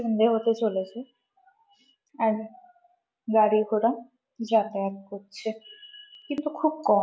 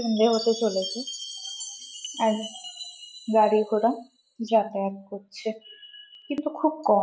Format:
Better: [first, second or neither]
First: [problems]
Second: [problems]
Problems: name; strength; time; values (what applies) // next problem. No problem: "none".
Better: first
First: none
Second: background sound (Chime); 14 dB below the speech